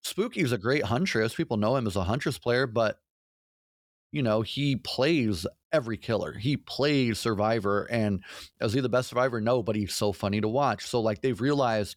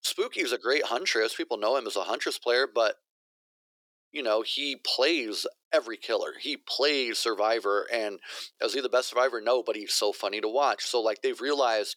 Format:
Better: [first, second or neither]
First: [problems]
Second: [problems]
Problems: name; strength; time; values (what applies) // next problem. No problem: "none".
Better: first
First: none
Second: thin; very; fading below 350 Hz